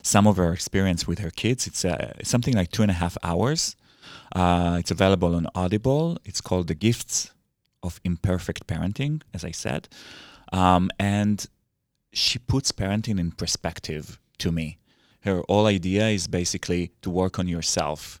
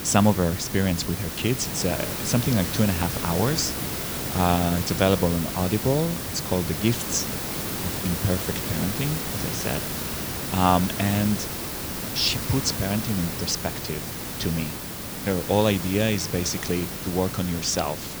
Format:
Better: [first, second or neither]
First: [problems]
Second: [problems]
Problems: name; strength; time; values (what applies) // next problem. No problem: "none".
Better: first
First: none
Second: hiss; loud; throughout; 4 dB below the speech